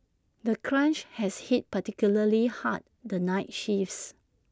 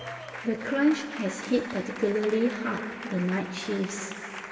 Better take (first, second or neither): first